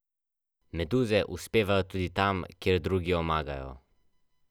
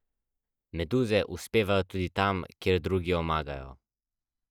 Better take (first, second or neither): first